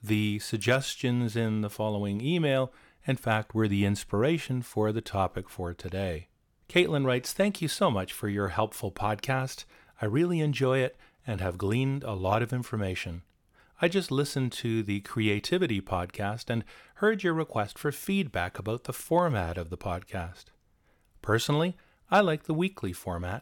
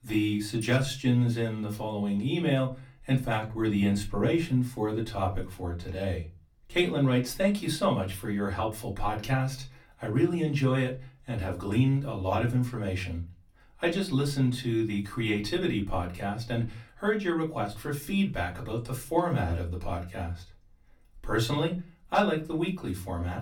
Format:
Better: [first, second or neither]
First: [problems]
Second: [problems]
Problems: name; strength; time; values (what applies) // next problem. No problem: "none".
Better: first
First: none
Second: off-mic speech; far // room echo; very slight; dies away in 0.3 s